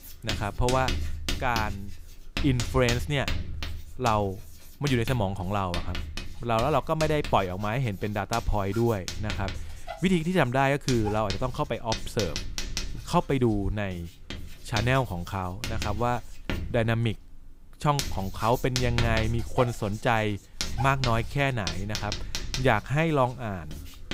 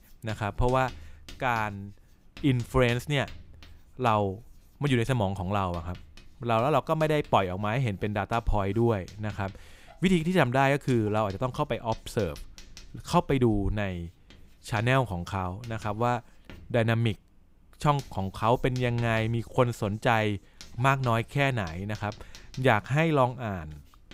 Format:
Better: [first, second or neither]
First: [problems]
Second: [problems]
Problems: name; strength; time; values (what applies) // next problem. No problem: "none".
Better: second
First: household noises; loud; throughout; 8 dB below the speech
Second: household noises; faint; throughout; 25 dB below the speech